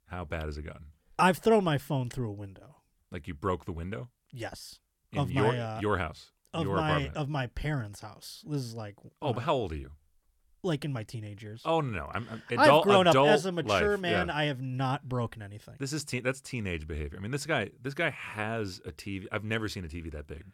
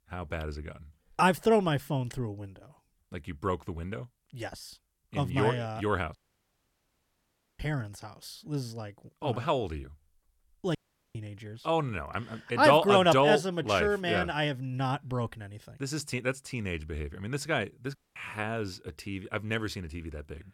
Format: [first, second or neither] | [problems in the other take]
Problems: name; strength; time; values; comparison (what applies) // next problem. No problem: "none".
first | audio cutting out; at 6 s for 1.5 s, at 11 s and at 18 s